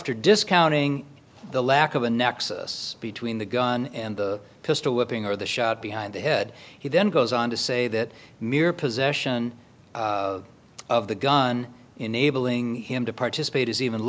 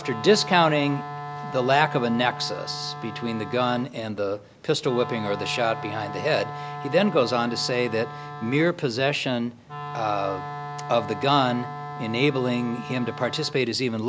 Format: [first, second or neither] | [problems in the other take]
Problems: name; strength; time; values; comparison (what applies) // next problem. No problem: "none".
first | background sound (Wind instrument, woodwind instrument); 11 dB below the speech